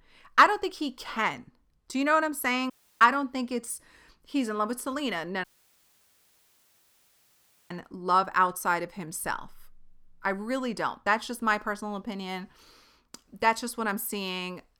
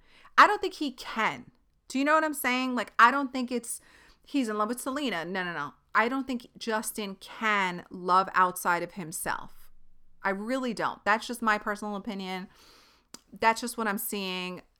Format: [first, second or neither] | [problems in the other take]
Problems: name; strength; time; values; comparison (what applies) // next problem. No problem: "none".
second | audio cutting out; at 2.5 s and at 5.5 s for 2.5 s